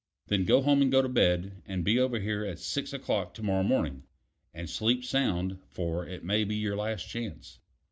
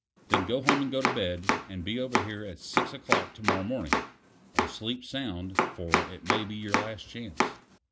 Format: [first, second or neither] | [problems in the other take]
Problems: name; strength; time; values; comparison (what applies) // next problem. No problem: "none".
first | background sound (Domestic sounds, home sounds); 4 dB above the speech